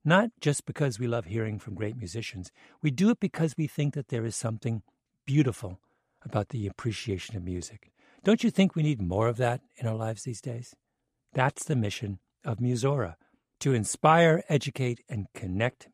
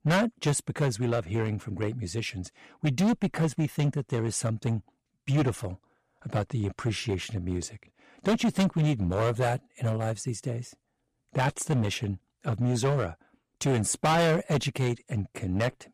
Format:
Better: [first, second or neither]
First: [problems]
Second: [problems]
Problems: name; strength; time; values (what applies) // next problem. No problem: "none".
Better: first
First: none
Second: distortion; heavy; 8% of the sound clipped